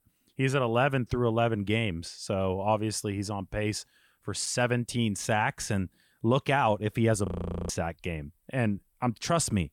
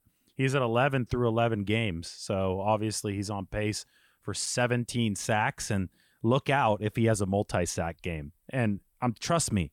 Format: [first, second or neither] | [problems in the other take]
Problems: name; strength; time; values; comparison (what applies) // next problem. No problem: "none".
second | audio freezing; at 7.5 s